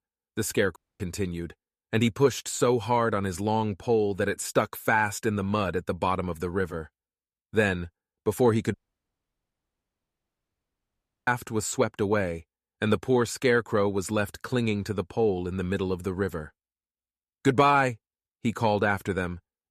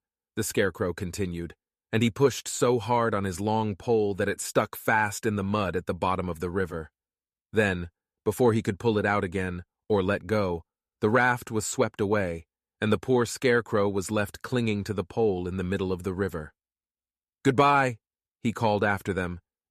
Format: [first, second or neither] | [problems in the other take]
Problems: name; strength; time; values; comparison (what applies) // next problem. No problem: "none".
second | audio cutting out; at 1 s and at 8.5 s for 2.5 s